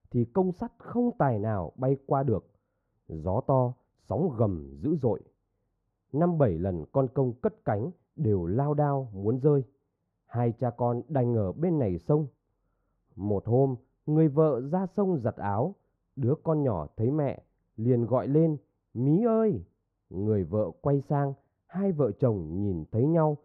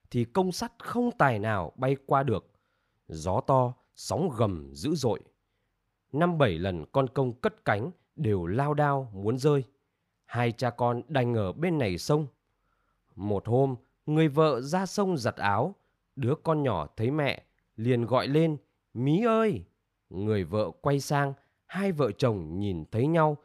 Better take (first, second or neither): second